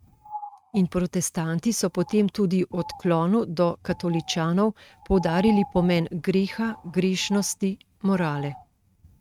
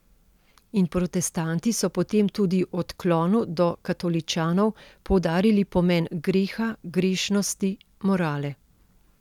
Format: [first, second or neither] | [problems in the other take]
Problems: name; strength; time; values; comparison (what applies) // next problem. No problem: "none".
second | noise reduction (neural mask model RNNoise)